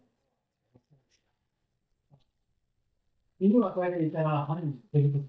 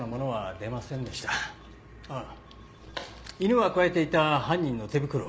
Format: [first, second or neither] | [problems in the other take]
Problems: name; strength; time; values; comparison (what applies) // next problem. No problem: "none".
second | noise reduction (neural mask model DeepFilterNet 3)